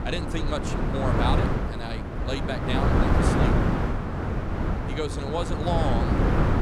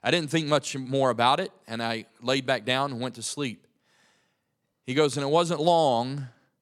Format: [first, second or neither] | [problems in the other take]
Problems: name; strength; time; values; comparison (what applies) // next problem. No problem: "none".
second | wind noise on the microphone; heavy; 2 dB above the speech